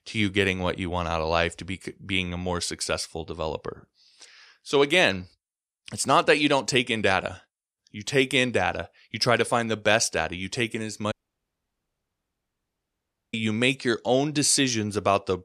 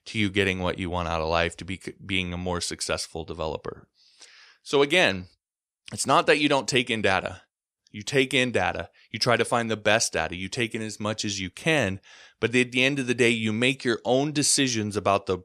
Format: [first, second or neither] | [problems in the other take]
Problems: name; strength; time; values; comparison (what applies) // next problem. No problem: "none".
second | audio cutting out; at 11 s for 2 s